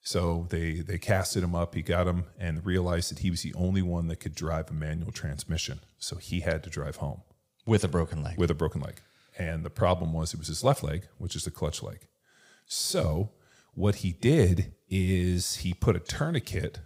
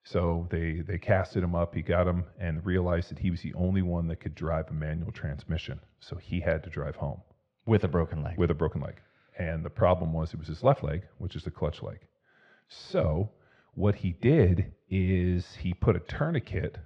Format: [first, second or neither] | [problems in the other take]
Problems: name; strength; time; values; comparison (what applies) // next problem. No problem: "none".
first | muffled; very; fading above 2.5 kHz